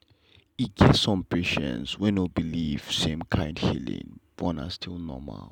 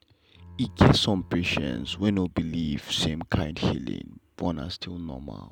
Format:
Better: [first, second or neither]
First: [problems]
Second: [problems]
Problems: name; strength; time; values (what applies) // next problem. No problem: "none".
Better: first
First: none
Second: background sound (Bowed string instrument); 19 dB below the speech